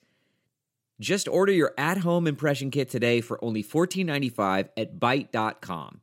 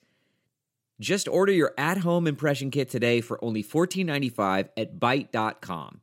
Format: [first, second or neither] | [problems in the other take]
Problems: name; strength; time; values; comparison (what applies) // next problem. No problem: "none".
neither | none